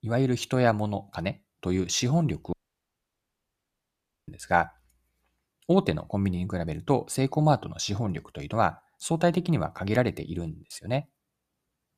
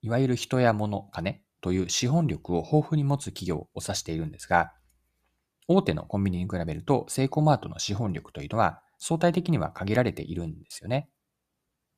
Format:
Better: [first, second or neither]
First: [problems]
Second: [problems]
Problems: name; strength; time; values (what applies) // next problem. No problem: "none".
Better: second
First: audio cutting out; at 2.5 s for 2 s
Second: none